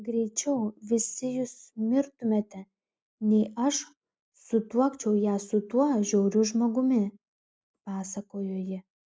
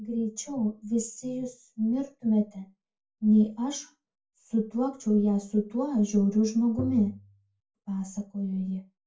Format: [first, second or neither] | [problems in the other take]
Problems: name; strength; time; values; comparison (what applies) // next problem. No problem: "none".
first | background sound (Tap); 11 dB below the speech // room echo; dies away in 0.2 s